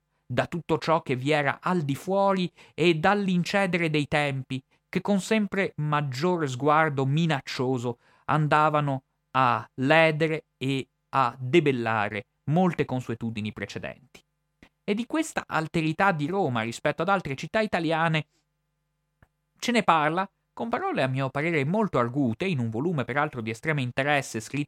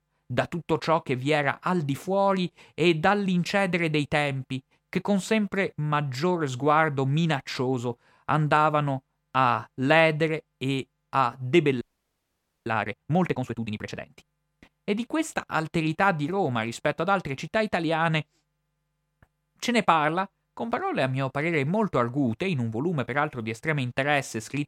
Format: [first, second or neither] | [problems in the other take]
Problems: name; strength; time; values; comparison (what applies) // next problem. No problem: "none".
first | audio freezing; at 12 s for 1 s